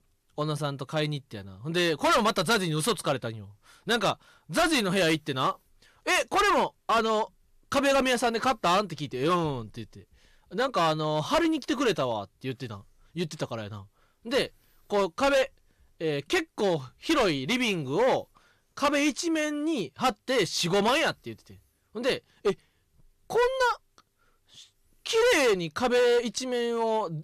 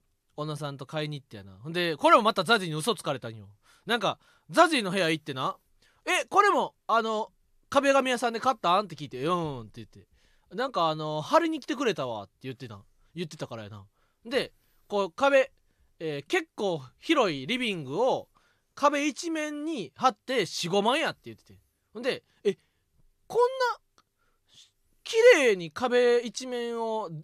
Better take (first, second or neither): second